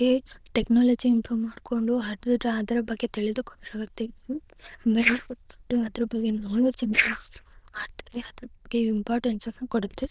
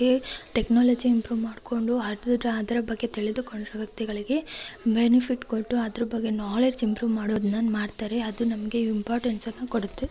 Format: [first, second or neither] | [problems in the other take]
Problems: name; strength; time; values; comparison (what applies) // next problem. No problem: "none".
second | noise reduction (neural diffusion model UNIVERSE++)